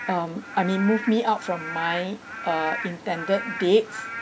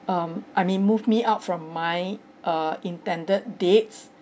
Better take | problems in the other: second | background sound (Rain / Frog); 10 dB below the speech

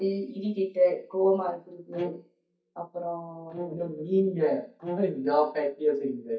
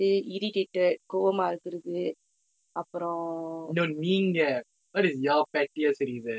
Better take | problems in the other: second | noise reduction (neural mask model DeepFilterNet 3)

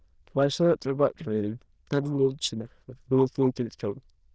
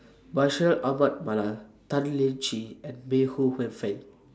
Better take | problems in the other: second | noise reduction (neural diffusion model UNIVERSE++)

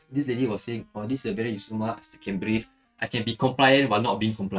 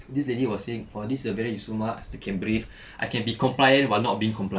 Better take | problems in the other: second | noise reduction (neural mask model RNNoise)

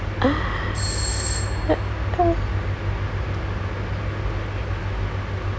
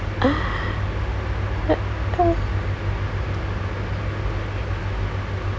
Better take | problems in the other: second | background sound (Doorbell); 10 dB below the speech

